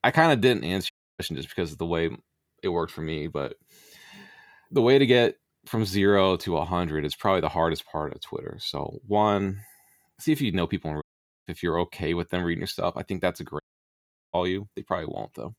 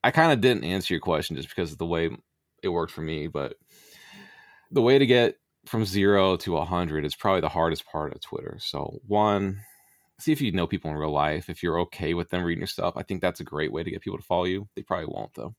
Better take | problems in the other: second | audio cutting out; at 1 s, at 11 s and at 14 s for 0.5 s

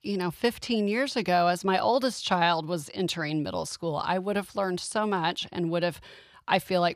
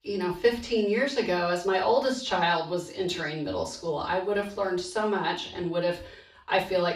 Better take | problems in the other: first | room echo; slight; dies away in 0.4 s // off-mic speech; far

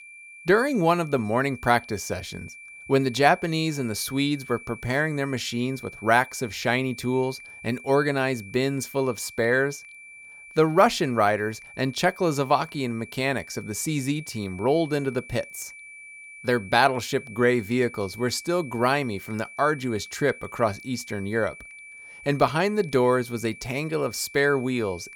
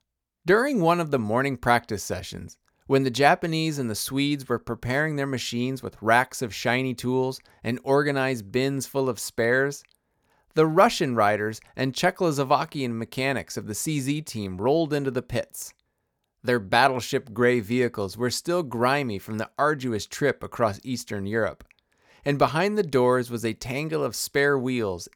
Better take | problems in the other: second | high-pitched whine; noticeable; throughout; 2.5 kHz, 15 dB below the speech

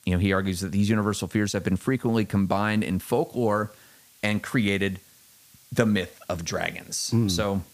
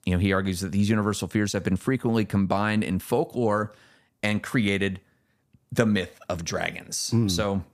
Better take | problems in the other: second | hiss; faint; throughout; 25 dB below the speech

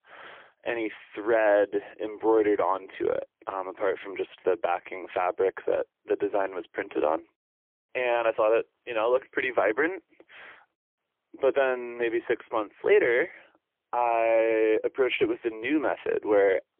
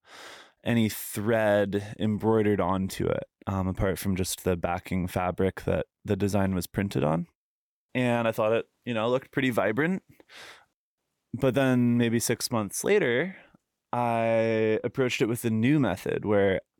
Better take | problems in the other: second | phone-call audio; poor line; nothing above 3.5 kHz

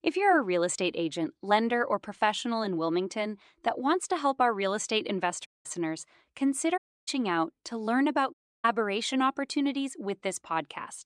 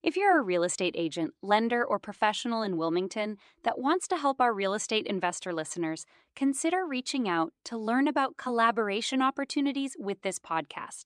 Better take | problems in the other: second | audio cutting out; at 5.5 s, at 7 s and at 8.5 s

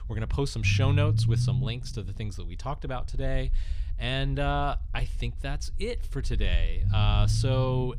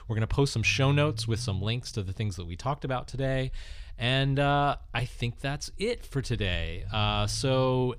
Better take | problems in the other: second | low rumble; loud; throughout; 8 dB below the speech; faint in the second

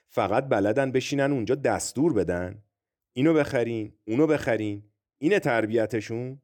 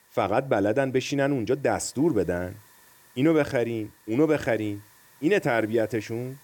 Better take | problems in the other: first | hiss; faint; throughout; 30 dB below the speech

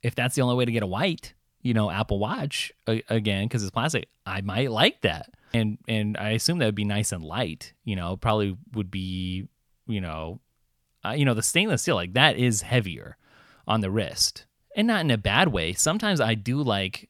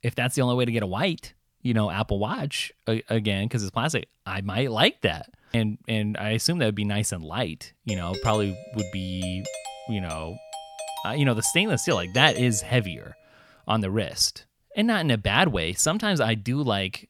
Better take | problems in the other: first | doorbell; noticeable; from 8 to 13 s; peak 9 dB below the speech

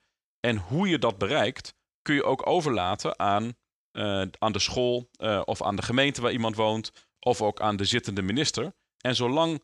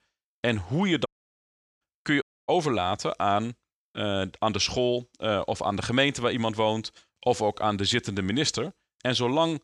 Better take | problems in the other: first | audio cutting out; at 1 s for 1 s and at 2 s

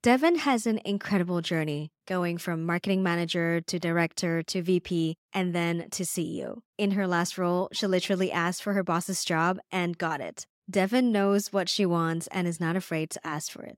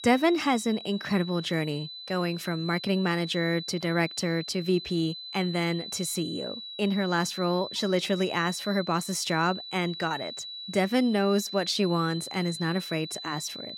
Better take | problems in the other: first | high-pitched whine; loud; throughout; 4 kHz, 10 dB below the speech

